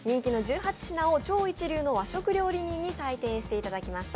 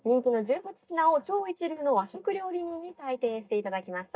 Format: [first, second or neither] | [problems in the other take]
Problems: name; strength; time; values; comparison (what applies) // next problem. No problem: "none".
first | noise reduction (neural mask model DeepFilterNet 3)